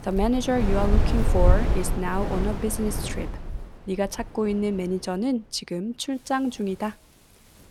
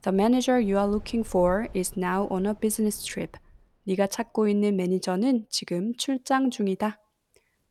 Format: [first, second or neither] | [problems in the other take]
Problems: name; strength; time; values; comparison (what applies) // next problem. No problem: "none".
second | wind in the background; loud; throughout; 1 dB below the speech; faint in the second